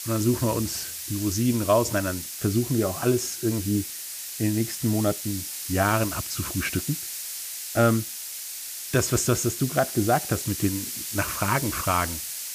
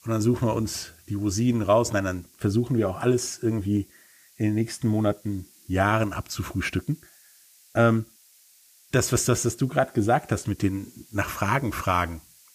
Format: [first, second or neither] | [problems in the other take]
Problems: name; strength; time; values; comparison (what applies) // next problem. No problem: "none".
second | hiss; loud; throughout; 6 dB below the speech; faint in the second